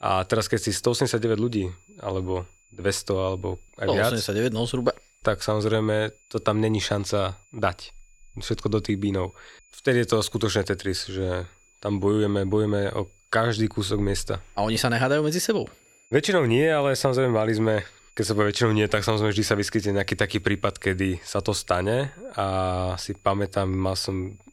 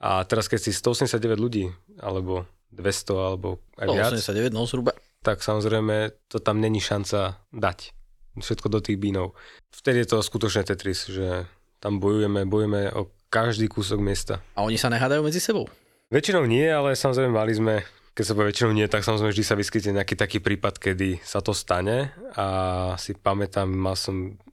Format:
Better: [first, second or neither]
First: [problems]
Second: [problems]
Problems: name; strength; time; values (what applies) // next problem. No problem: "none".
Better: second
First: high-pitched whine; faint; throughout; 7 kHz, 35 dB below the speech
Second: none